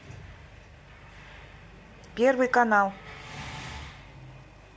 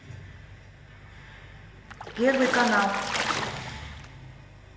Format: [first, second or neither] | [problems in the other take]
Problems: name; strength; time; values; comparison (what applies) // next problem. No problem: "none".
first | background sound (Water / Splash, splatter); 2 dB below the speech // room echo; dies away in 2 s